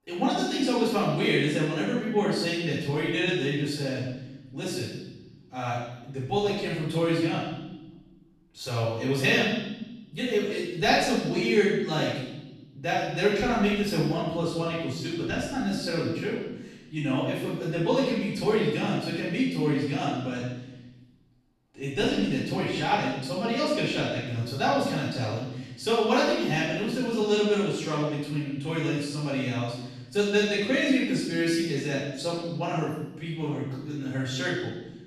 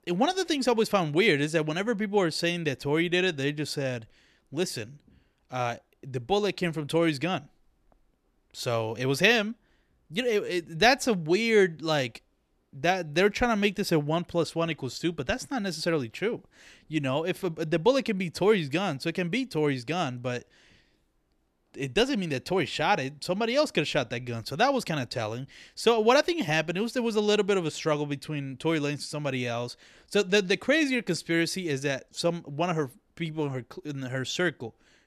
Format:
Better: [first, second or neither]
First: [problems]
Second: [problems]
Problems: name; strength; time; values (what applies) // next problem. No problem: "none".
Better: second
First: room echo; strong; dies away in 1.1 s // off-mic speech; far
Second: none